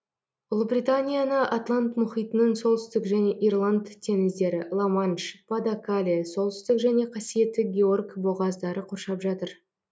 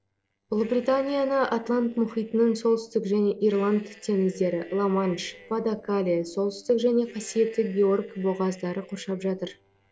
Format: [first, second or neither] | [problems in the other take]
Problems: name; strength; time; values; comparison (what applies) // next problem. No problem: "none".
first | noise reduction (neural separator model SepFormer DNS4)